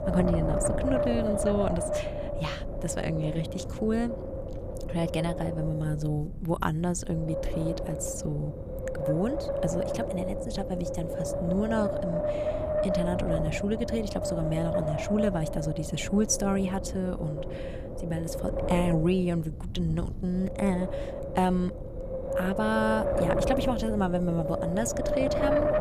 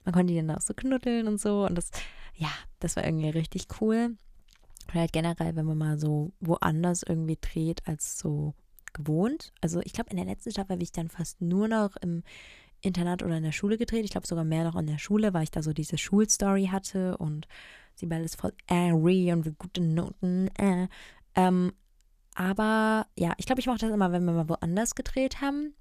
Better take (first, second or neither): second